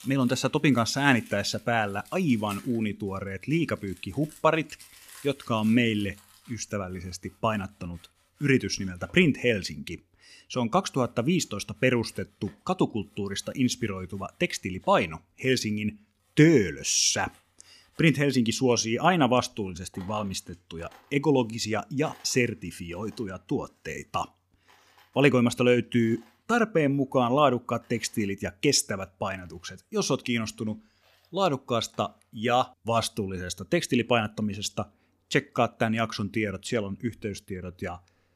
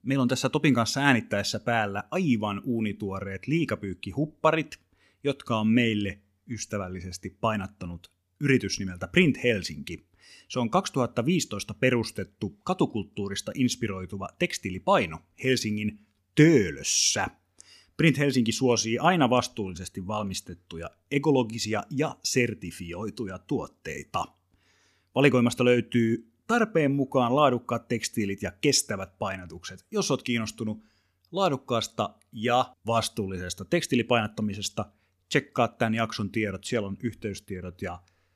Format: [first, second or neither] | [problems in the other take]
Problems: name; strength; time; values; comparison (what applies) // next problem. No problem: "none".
second | household noises; faint; throughout; 30 dB below the speech